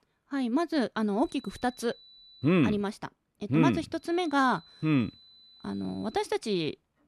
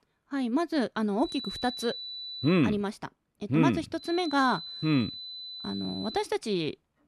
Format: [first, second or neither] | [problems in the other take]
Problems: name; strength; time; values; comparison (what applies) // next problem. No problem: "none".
first | high-pitched whine; loud; from 1.5 to 2.5 s and from 4 to 6 s; 4 kHz, 9 dB below the speech; faint in the first